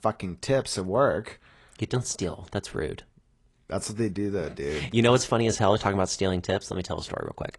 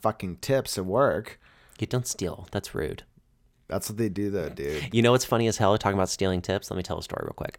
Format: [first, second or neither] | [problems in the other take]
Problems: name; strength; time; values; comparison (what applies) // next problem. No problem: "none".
second | garbled, watery; slightly; nothing above 10 kHz